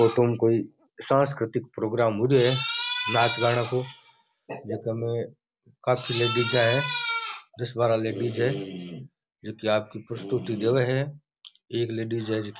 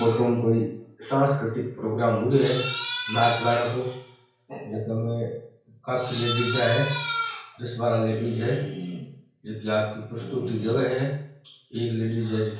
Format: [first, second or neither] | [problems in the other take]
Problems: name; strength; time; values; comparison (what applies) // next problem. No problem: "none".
first | room echo; dies away in 0.5 s